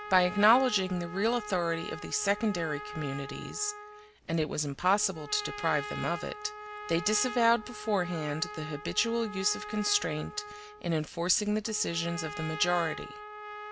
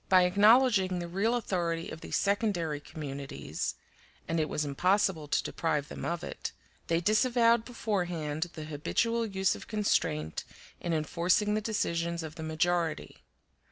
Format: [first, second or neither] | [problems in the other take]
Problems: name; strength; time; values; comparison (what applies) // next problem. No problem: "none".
second | background sound (Trumpet); 12 dB below the speech